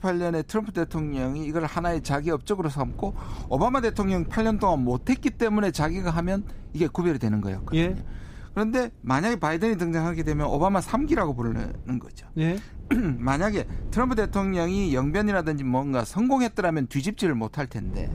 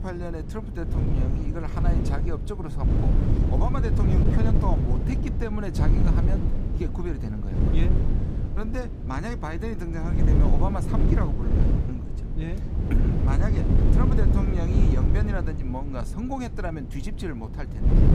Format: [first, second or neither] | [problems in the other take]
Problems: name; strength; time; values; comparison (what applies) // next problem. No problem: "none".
first | wind noise on the microphone; heavy; 1 dB below the speech; occasional gusts in the first